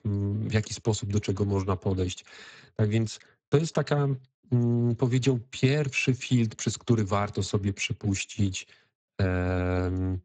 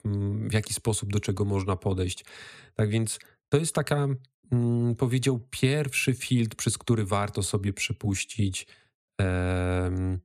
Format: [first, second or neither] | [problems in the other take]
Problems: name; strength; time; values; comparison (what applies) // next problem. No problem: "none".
second | garbled, watery; badly; nothing above 7.5 kHz